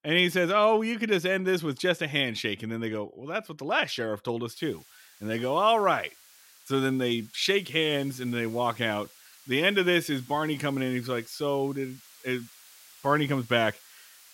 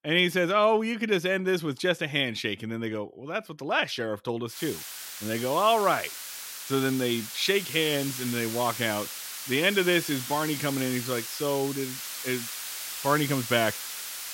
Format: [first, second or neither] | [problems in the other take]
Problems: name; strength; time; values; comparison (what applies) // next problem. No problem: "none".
first | hiss; loud; from 4.5 s on; 7 dB below the speech; faint in the first